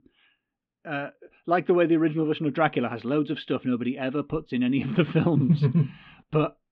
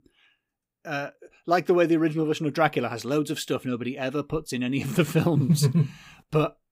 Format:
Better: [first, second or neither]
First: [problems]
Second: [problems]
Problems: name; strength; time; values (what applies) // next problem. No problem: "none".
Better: second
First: muffled; very; fading above 3.5 kHz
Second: none